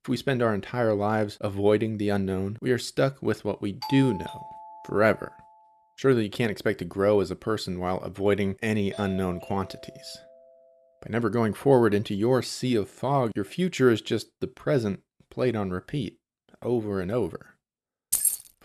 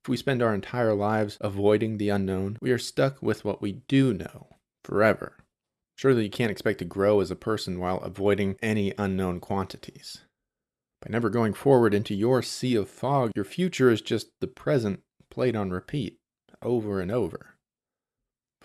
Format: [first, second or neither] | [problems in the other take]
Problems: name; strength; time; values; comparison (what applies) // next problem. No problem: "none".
second | doorbell; noticeable; from 4 to 5.5 s; peak 9 dB below the speech // doorbell; faint; from 9 to 11 s; peak 15 dB below the speech // jangling keys; loud; at 18 s; peak 3 dB above the speech